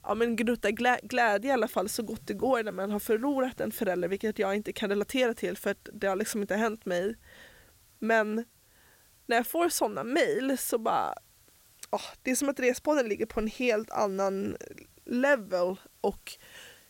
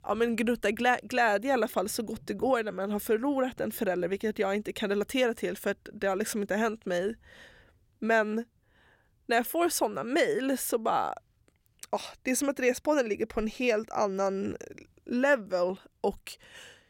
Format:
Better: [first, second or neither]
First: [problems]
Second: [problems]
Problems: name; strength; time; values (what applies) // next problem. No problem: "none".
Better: second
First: hiss; faint; throughout; 30 dB below the speech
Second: none